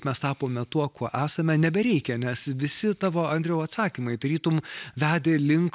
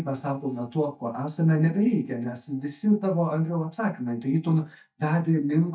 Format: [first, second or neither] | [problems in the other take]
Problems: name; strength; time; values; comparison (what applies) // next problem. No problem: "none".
first | noise reduction (neural mask model DeepFilterNet 3)